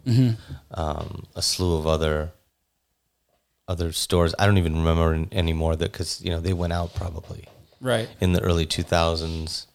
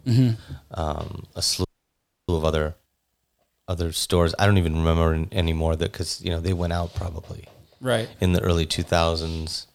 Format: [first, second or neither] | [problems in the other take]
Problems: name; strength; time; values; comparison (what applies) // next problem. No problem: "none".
first | audio freezing; at 1.5 s for 0.5 s